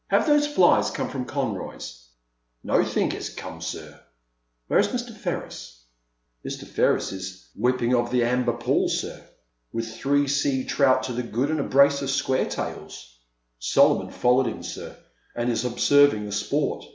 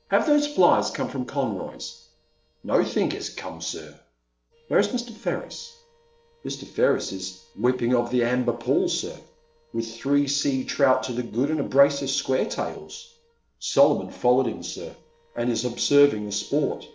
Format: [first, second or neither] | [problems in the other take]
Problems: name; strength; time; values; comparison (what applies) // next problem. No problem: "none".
first | noise reduction (neural separator model SepFormer DNS4)